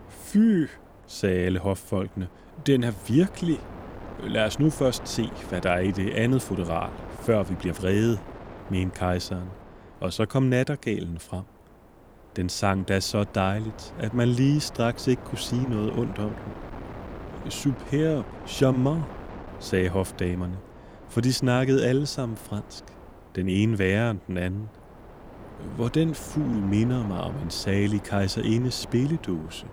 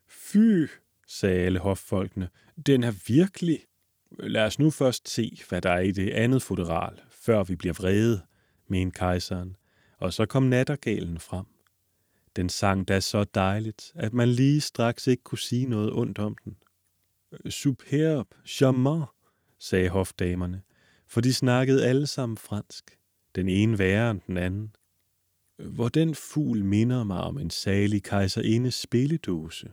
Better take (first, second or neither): second